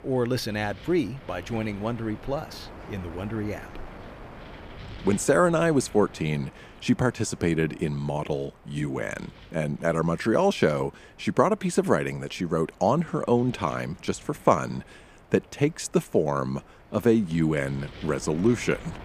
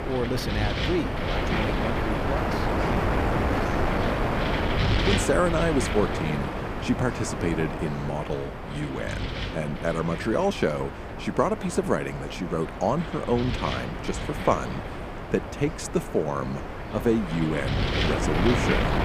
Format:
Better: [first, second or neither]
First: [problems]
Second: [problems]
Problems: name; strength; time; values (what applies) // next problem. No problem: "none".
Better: first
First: wind noise on the microphone; occasional gusts; 20 dB below the speech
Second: wind noise on the microphone; heavy; 1 dB below the speech